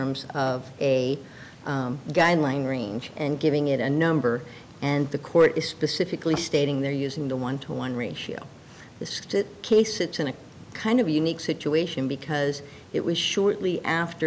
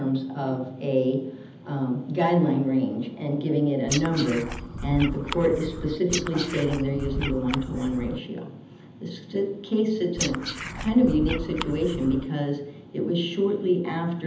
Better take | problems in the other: first | background sound (Frog); 7 dB below the speech // room echo; dies away in 0.8 s

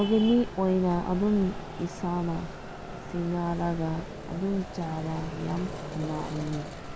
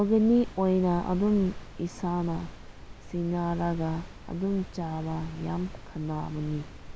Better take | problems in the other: second | background sound (Traffic noise, roadway noise); 11 dB below the speech

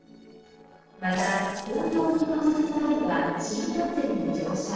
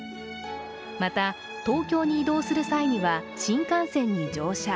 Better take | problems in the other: second | noise reduction (neural separator model SepFormer DNS4)

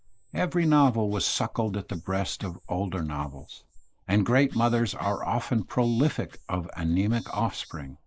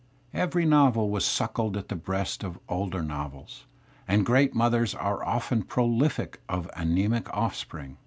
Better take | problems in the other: second | noise reduction (neural mask model Resemble Enhance denoiser)

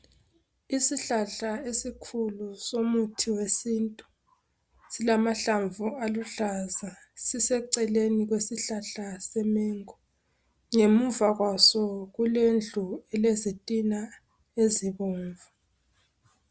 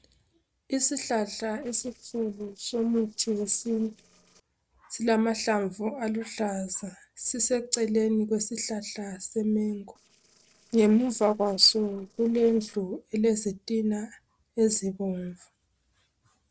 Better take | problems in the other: first | noise reduction (neural separator model SepFormer DNS4)

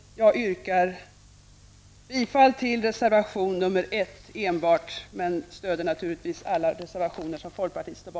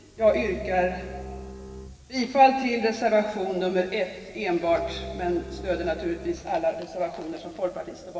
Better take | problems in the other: first | background sound (Bowed string instrument); 13 dB below the speech // room echo; dies away in 1.9 s

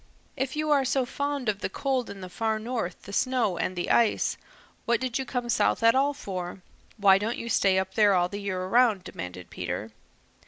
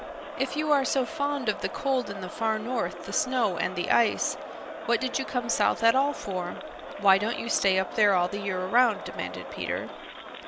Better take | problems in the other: first | background sound (Crowd); 10 dB below the speech

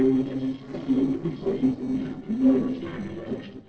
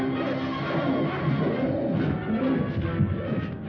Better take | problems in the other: second | noise reduction (neural separator model SepFormer DNS4)

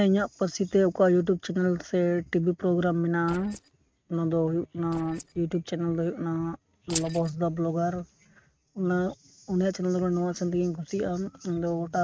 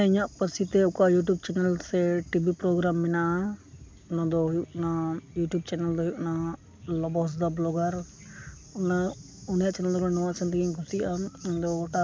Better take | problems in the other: second | noise reduction (neural mask model RNNoise)

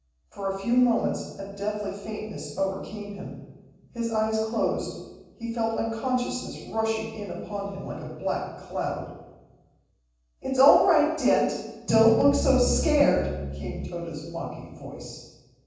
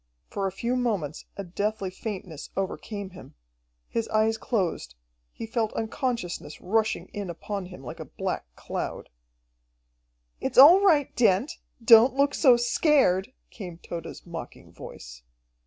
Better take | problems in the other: second | background sound (Piano); 2 dB below the speech // room echo; dies away in 1.2 s

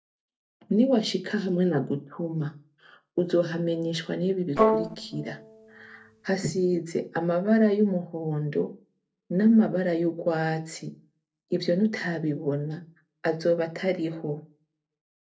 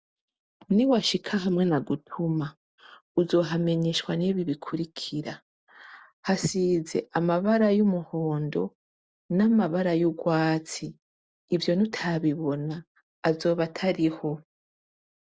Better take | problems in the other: second | noise reduction (neural separator model SepFormer DNS4)

